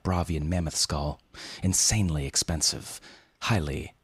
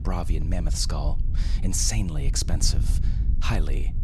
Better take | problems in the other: first | wind noise on the microphone; occasional gusts; 15 dB below the speech

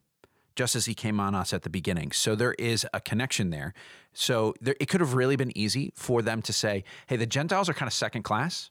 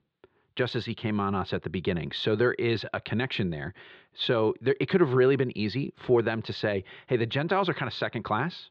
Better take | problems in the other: first | muffled; slightly; fading above 3.5 kHz

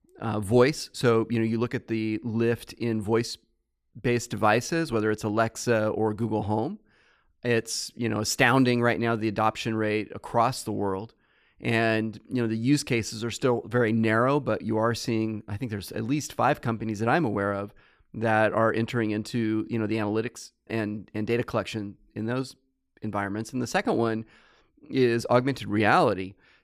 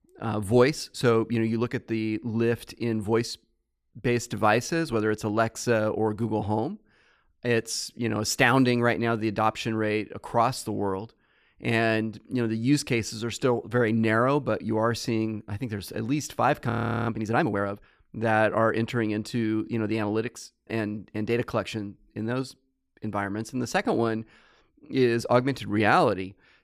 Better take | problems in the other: first | audio freezing; at 17 s

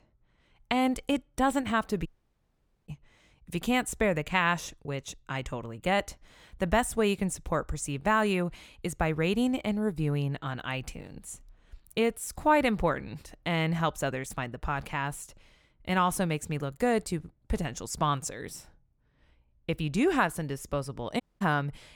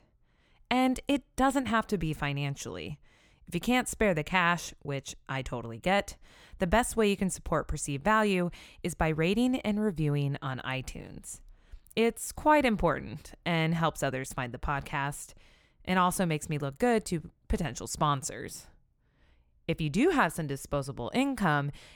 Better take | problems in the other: second | audio cutting out; at 2 s for 1 s and at 21 s

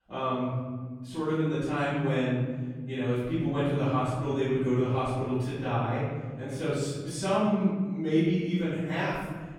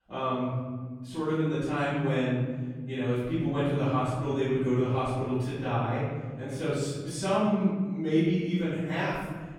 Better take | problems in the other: neither | off-mic speech; far; the same in both // room echo; strong; dies away in 1.7 s; the same in both

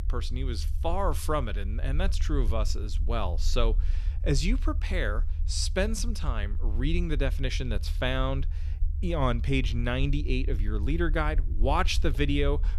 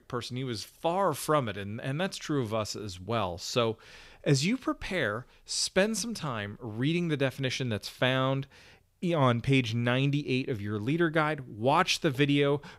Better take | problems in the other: second | low rumble; noticeable; throughout; 20 dB below the speech

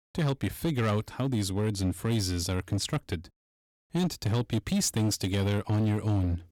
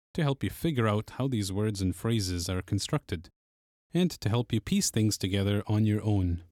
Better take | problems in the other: second | distortion; slight; 13% of the sound clipped

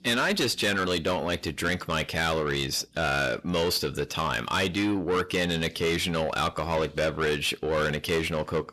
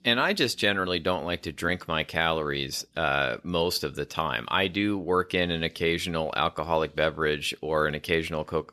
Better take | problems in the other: second | distortion; heavy; 7 dB below the speech

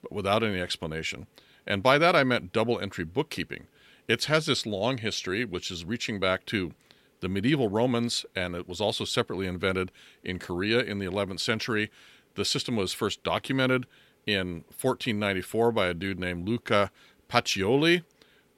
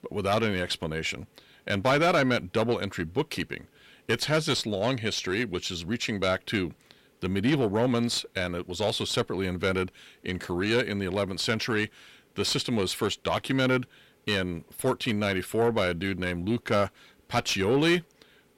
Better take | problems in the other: first | distortion; slight; 10 dB below the speech

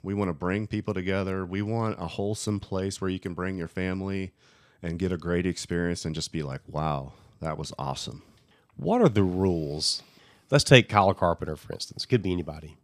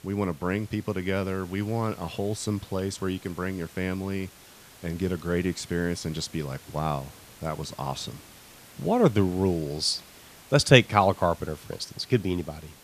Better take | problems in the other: first | hiss; faint; throughout; 20 dB below the speech

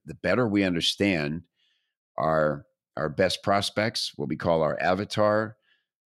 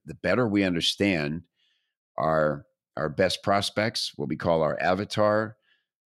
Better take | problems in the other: neither | none

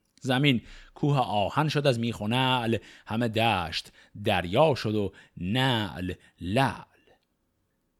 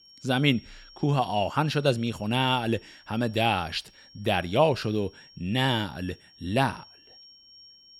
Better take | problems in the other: first | high-pitched whine; faint; throughout; 5.5 kHz, 25 dB below the speech

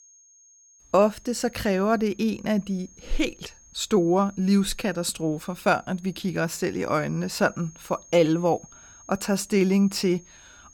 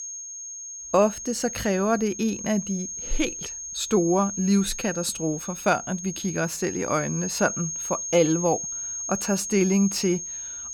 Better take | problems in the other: first | high-pitched whine; loud; throughout; 6.5 kHz, 6 dB below the speech; faint in the first

